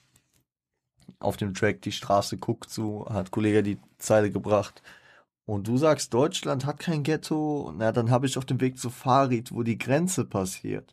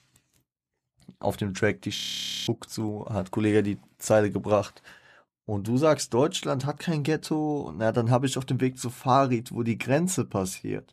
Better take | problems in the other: first | audio freezing; at 2 s for 0.5 s

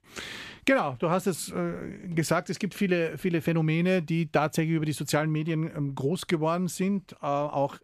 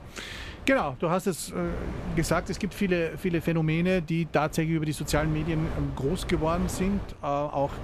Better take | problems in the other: first | wind noise on the microphone; occasional gusts; 15 dB below the speech

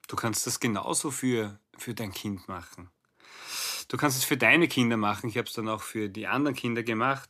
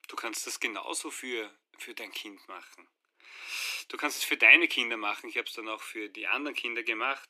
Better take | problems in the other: first | thin; somewhat; fading below 300 Hz

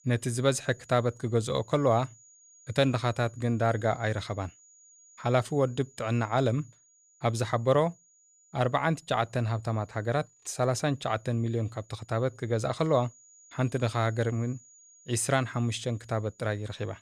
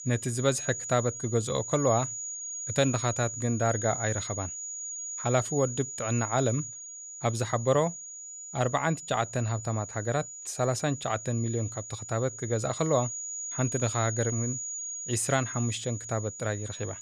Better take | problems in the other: first | high-pitched whine; loud; throughout; 7 kHz, 6 dB below the speech; faint in the first

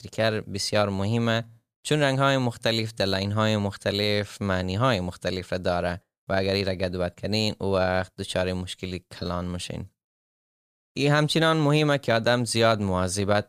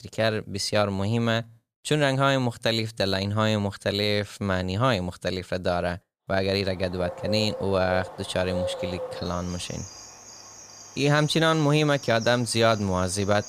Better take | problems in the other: first | animal sounds; noticeable; from 6.5 s on; 10 dB below the speech

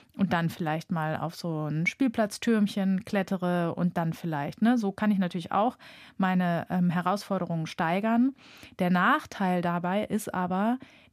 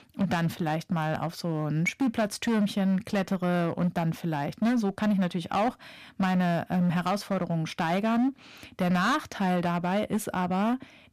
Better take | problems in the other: first | distortion; slight; 12% of the sound clipped

